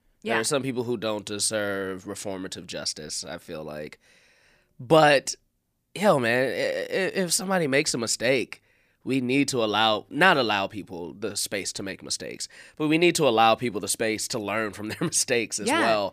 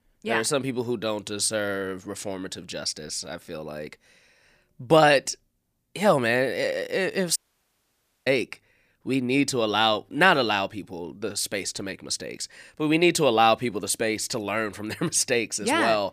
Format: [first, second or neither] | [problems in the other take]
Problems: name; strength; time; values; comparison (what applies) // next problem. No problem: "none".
first | audio cutting out; at 7.5 s for 1 s